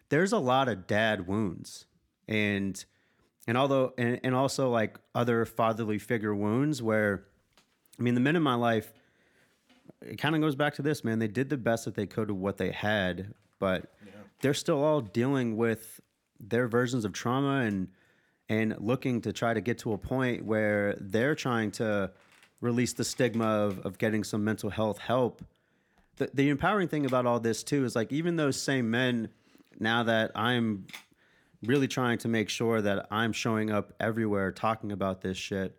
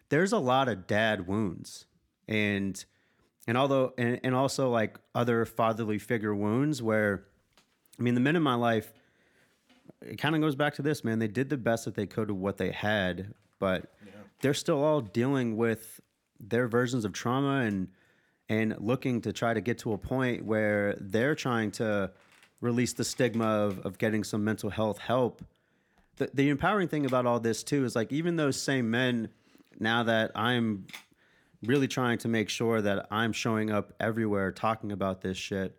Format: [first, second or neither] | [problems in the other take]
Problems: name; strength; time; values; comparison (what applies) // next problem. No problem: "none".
neither | none